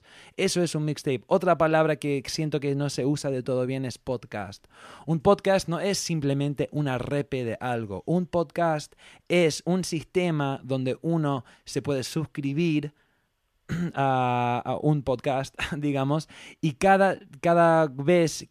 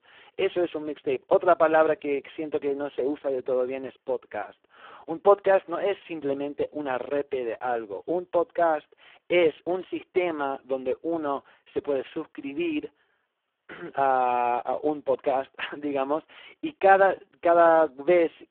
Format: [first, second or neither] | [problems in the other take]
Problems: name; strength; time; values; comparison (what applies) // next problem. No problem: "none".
first | phone-call audio; poor line